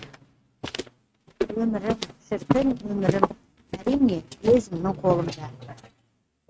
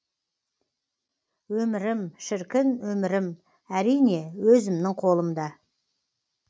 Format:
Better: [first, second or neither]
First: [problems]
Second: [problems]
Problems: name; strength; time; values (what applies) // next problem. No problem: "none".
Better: second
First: noise reduction (neural mask model RNNoise)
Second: none